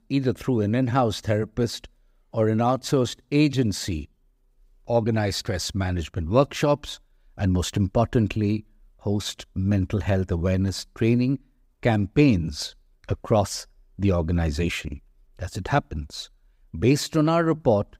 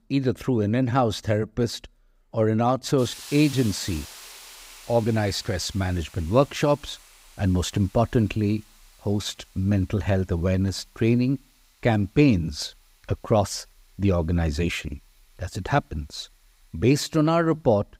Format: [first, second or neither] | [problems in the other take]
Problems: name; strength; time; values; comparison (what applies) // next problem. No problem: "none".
first | hiss; noticeable; throughout; 20 dB below the speech